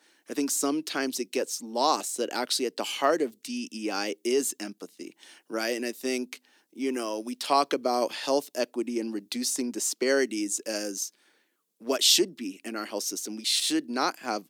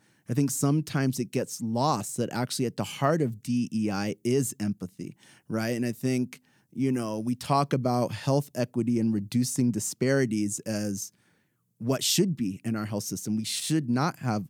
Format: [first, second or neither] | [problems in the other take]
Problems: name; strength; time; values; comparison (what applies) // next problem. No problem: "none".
second | thin; somewhat; fading below 300 Hz